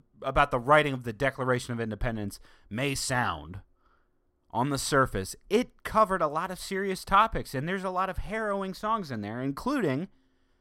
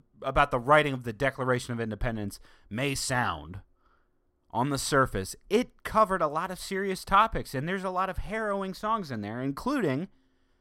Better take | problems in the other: neither | none

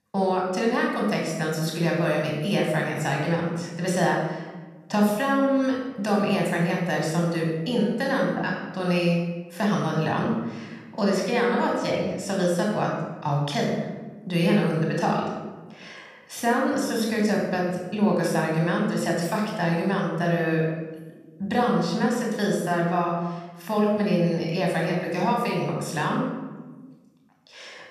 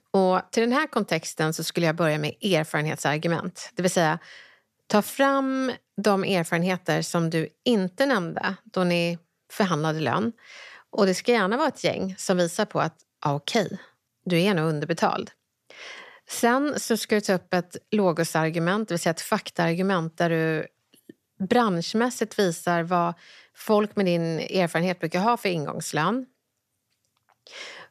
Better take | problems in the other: second | off-mic speech; somewhat distant // room echo; noticeable; dies away in 1.1 s

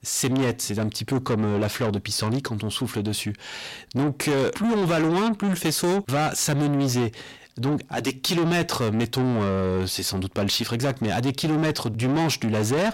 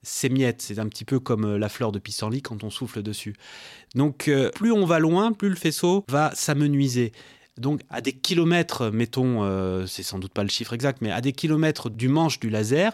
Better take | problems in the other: second | distortion; heavy; 7 dB below the speech

